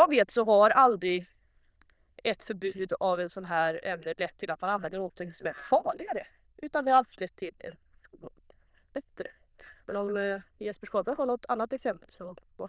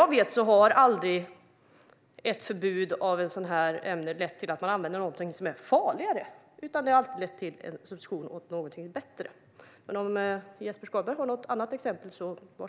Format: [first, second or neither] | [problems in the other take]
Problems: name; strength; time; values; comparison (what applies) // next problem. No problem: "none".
second | noise reduction (neural diffusion model UNIVERSE++)